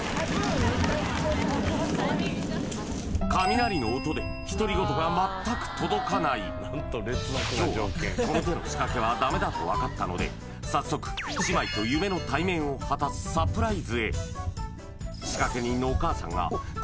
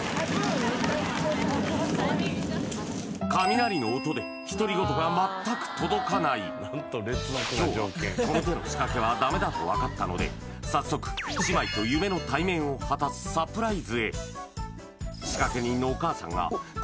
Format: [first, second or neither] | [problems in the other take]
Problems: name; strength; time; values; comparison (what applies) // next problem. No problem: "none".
second | background sound (Thunder); 7 dB below the speech